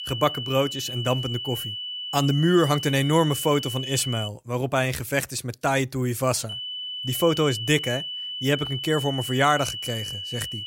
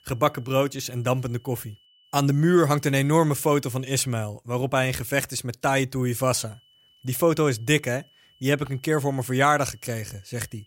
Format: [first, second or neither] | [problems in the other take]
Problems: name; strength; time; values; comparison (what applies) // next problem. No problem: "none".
second | high-pitched whine; loud; until 4.5 s and from 6.5 s on; 3 kHz, 6 dB below the speech; faint in the second